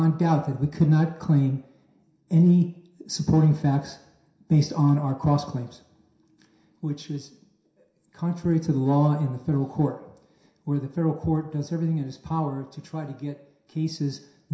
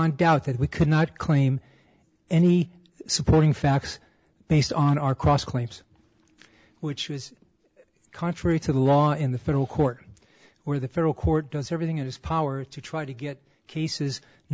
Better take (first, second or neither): second